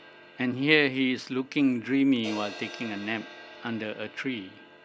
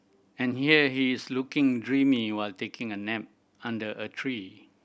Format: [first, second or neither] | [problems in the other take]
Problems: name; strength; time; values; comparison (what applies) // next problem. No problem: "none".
second | background sound (Crash cymbal); 17 dB below the speech